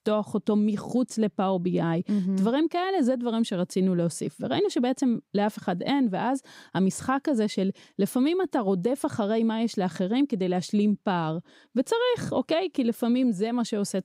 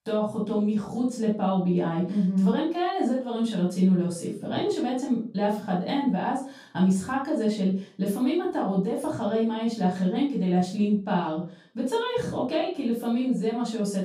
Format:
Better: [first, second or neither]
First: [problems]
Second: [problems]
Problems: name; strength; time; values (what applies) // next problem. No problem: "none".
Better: first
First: none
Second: room echo; noticeable; dies away in 0.3 s // off-mic speech; far